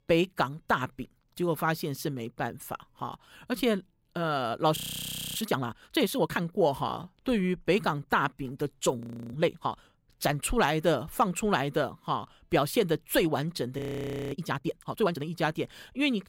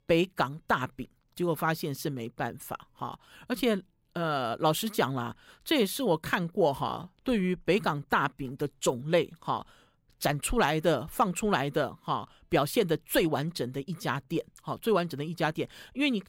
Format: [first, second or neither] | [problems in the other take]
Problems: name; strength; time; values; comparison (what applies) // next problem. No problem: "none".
second | audio freezing; at 5 s for 0.5 s, at 9 s and at 14 s for 0.5 s